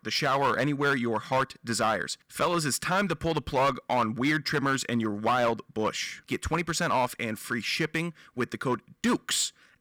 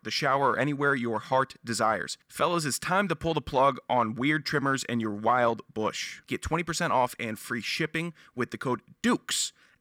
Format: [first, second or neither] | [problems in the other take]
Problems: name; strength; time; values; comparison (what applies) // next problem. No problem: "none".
second | distortion; slight; 5% of the sound clipped